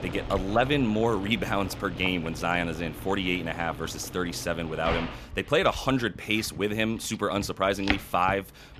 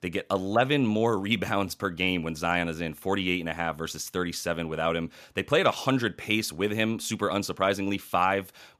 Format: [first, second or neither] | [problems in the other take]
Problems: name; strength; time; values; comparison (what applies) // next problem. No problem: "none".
second | household noises; noticeable; throughout; 10 dB below the speech